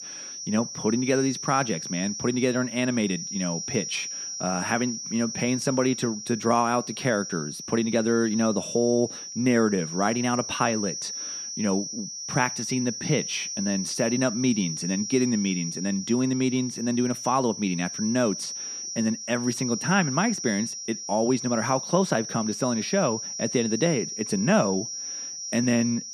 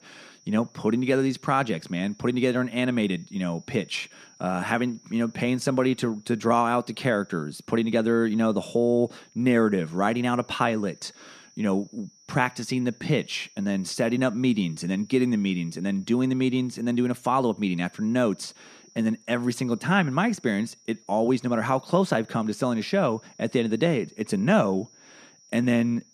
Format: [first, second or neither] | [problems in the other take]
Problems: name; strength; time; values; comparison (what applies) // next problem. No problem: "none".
second | high-pitched whine; loud; throughout; 6 kHz, 6 dB below the speech; faint in the second